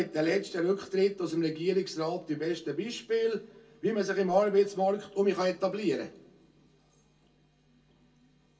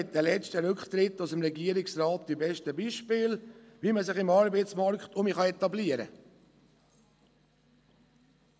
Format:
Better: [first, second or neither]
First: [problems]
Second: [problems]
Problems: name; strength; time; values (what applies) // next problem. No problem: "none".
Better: second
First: room echo; dies away in 0.2 s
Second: none